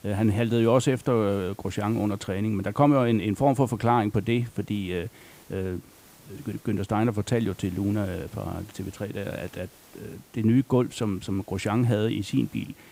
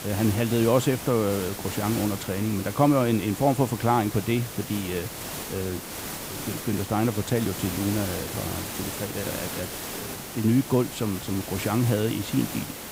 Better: first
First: hiss; faint; throughout; 25 dB below the speech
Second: hiss; loud; throughout; 7 dB below the speech

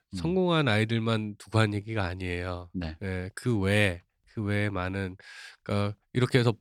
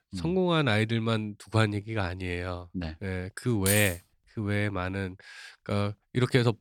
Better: first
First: none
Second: jangling keys; loud; at 3.5 s; peak level with the speech

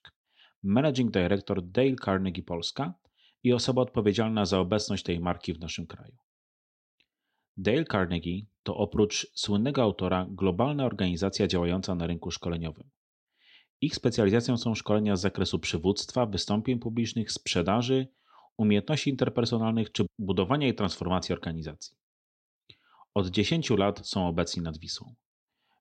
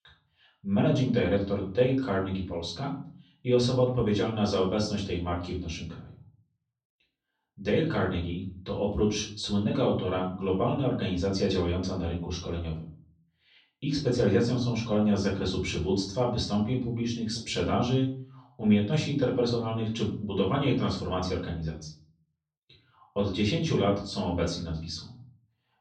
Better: first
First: none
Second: off-mic speech; far // room echo; slight; dies away in 0.5 s

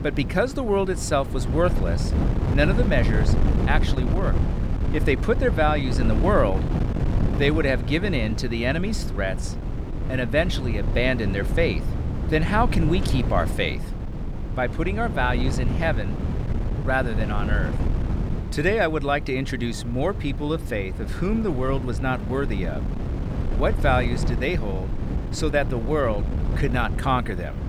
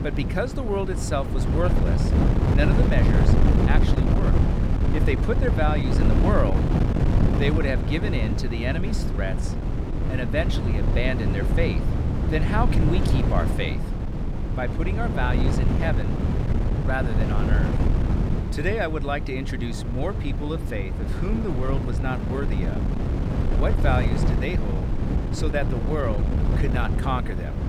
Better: first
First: wind noise on the microphone; occasional gusts; 10 dB below the speech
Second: wind noise on the microphone; heavy; 3 dB below the speech

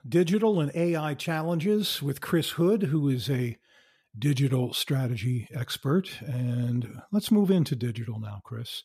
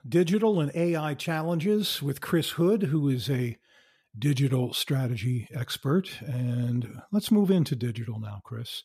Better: neither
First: none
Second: none

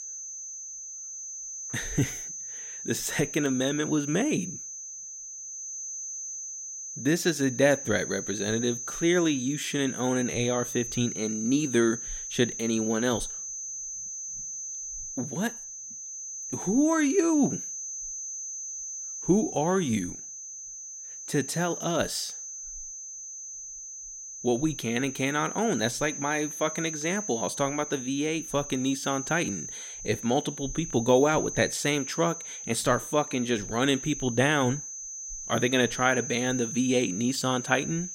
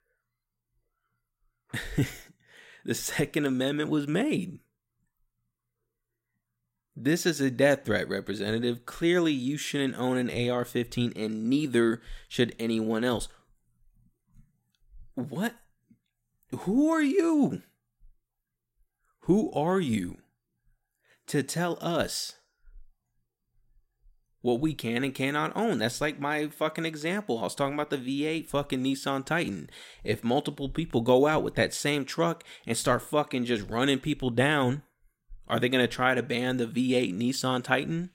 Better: second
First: high-pitched whine; loud; throughout; 6 kHz, 8 dB below the speech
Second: none

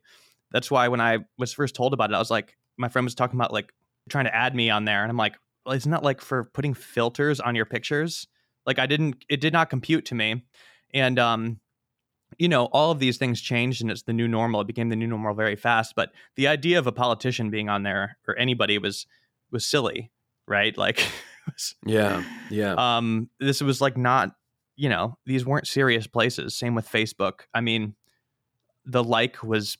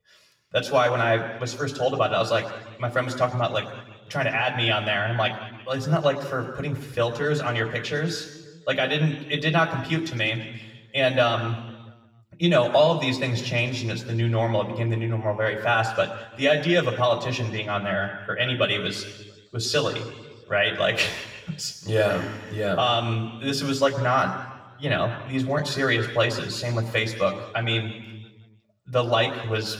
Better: first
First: none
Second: room echo; slight; dies away in 1.3 s // off-mic speech; somewhat distant

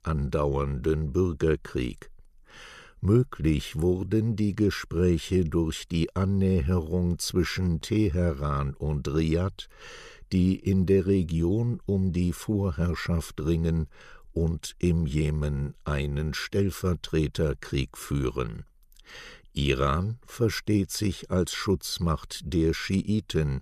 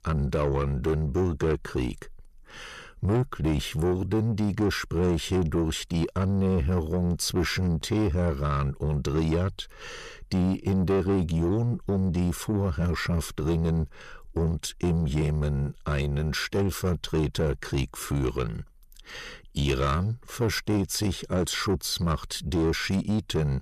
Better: first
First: none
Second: distortion; slight; 10 dB below the speech

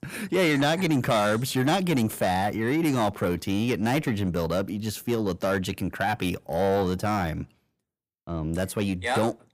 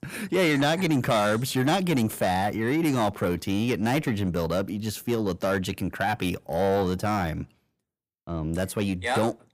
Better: neither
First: distortion; slight; 10 dB below the speech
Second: distortion; slight; 10 dB below the speech

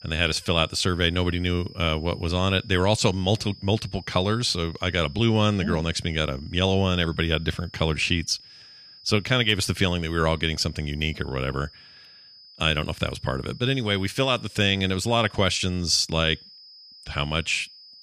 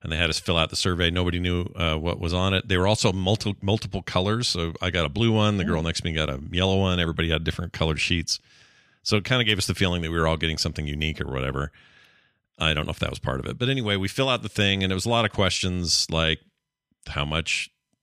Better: second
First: high-pitched whine; faint; throughout; 5 kHz, 20 dB below the speech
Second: none

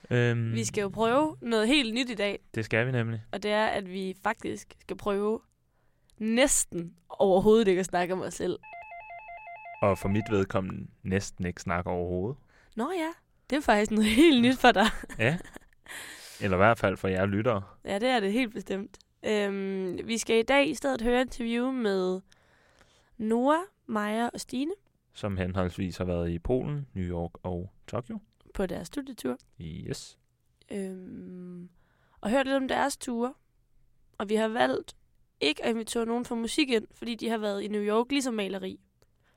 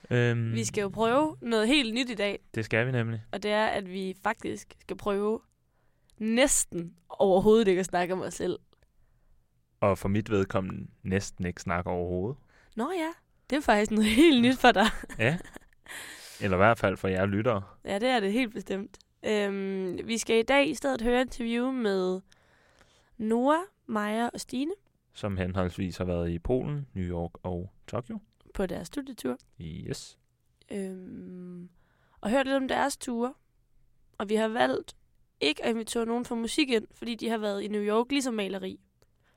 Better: second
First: doorbell; faint; from 8.5 to 10 s; peak 15 dB below the speech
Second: none

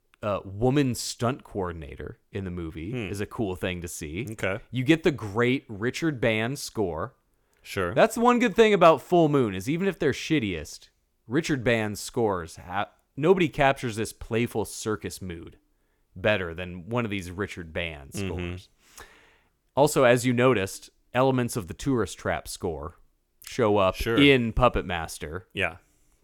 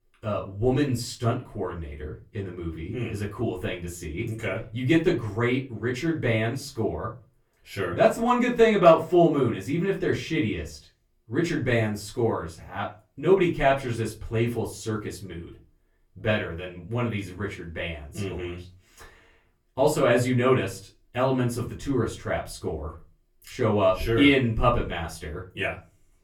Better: first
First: none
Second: off-mic speech; far // room echo; very slight; dies away in 0.3 s

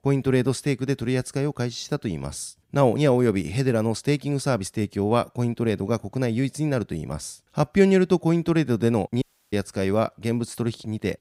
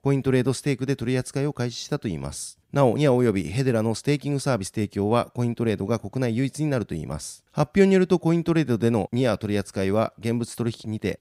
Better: second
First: audio cutting out; at 9 s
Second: none

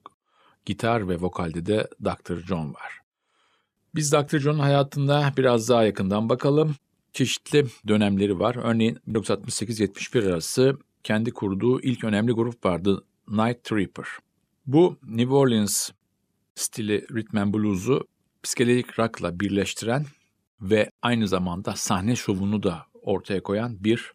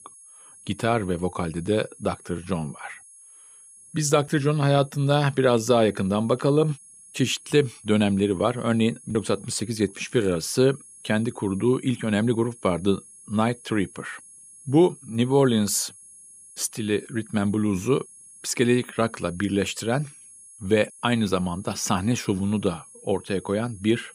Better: first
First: none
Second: high-pitched whine; faint; throughout; 10.5 kHz, 20 dB below the speech

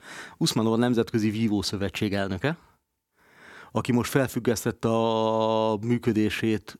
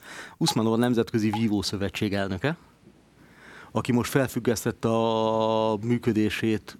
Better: first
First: none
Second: rain or running water; noticeable; throughout; 20 dB below the speech

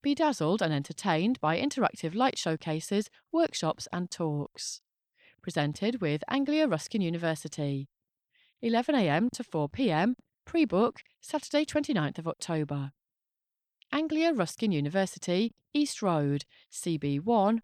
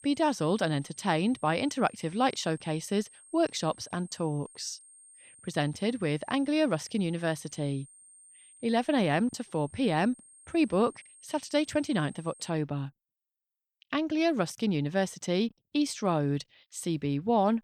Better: first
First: none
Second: high-pitched whine; faint; until 13 s; 8.5 kHz, 25 dB below the speech

